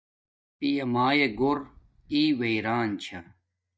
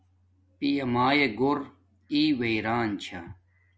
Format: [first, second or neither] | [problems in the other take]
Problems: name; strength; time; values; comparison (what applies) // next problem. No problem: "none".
second | noise reduction (neural mask model DeepFilterNet 3)